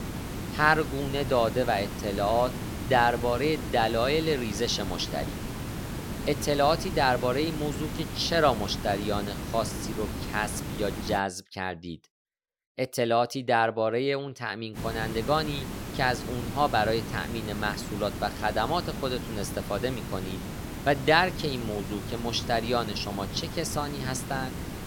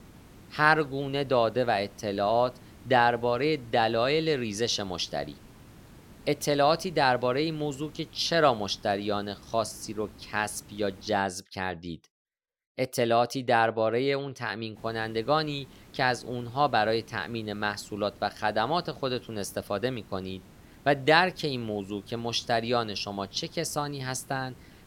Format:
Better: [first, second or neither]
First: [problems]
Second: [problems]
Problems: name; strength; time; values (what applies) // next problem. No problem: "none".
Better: second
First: hiss; loud; until 11 s and from 15 s on; 8 dB below the speech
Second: hiss; faint; until 11 s and from 15 s on; 25 dB below the speech